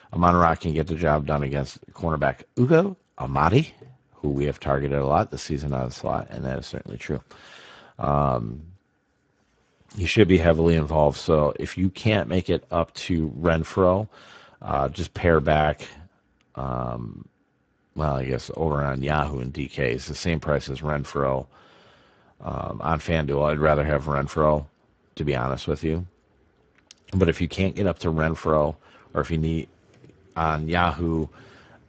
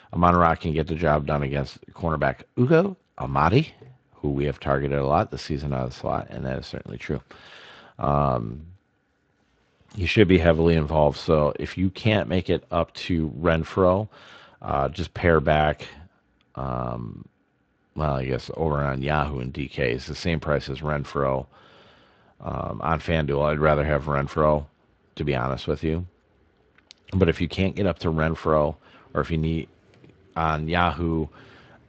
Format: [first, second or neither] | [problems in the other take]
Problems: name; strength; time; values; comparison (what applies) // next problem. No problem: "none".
second | garbled, watery; badly; nothing above 7.5 kHz; slightly in the second